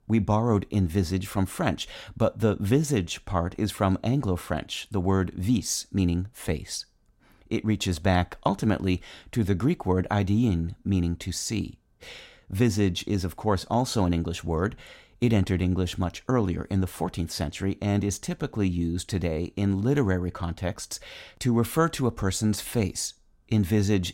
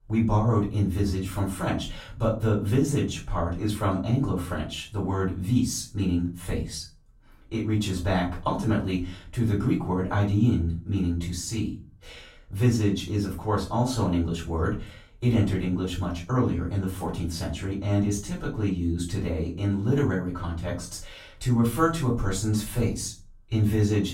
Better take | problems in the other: first | off-mic speech; far // room echo; slight; dies away in 0.3 s

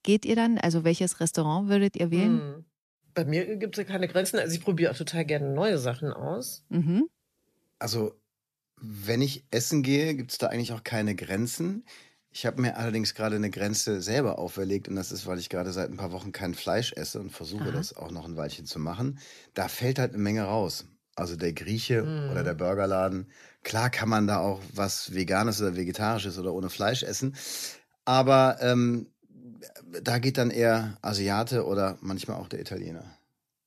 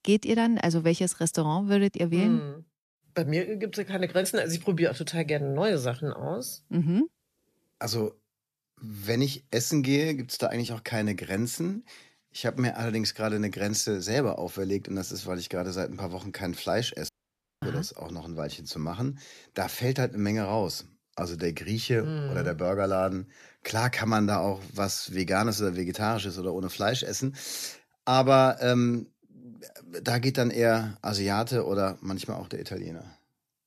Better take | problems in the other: first | audio cutting out; at 17 s for 0.5 s

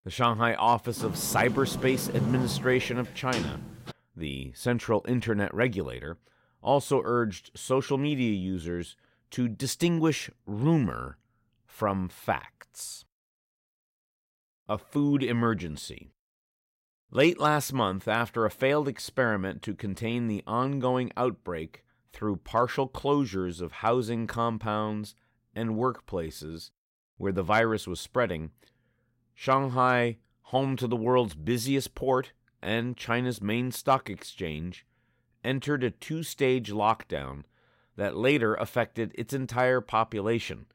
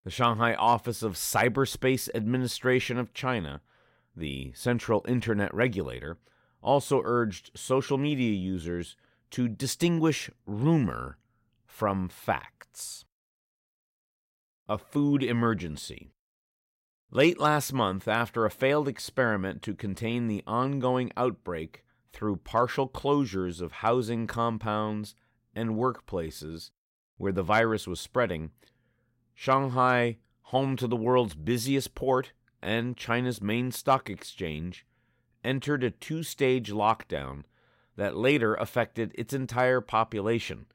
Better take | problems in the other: second | door banging; noticeable; from 1 to 4 s; peak 2 dB below the speech

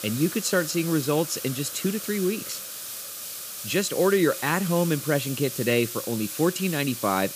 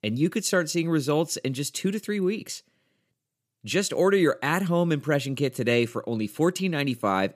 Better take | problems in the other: second | hiss; loud; throughout; 8 dB below the speech

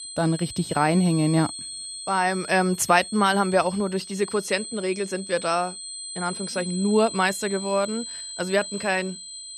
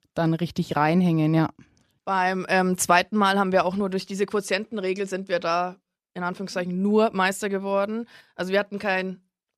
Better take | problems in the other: second | high-pitched whine; loud; throughout; 8 kHz, 10 dB below the speech

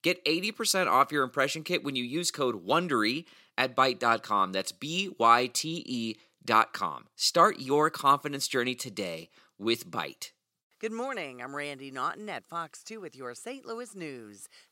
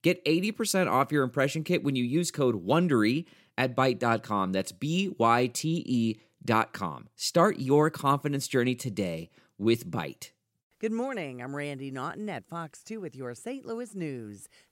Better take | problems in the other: second | thin; somewhat; fading below 550 Hz

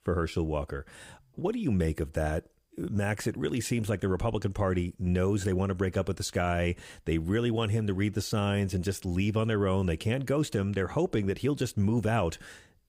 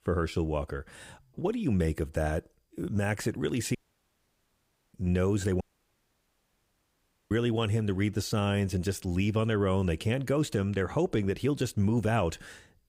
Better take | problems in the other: first | audio cutting out; at 4 s for 1 s and at 5.5 s for 1.5 s

